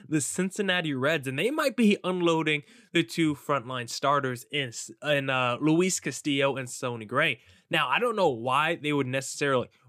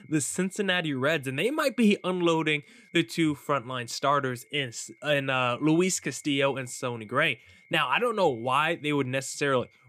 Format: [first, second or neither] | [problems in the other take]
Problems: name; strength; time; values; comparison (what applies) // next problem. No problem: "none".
first | high-pitched whine; faint; throughout; 2 kHz, 30 dB below the speech